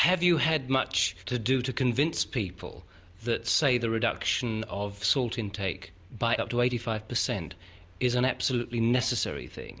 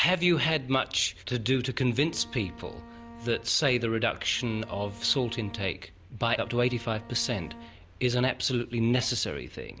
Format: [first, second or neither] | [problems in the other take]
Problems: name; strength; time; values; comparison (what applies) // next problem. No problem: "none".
first | background sound (Bowed string instrument); 18 dB below the speech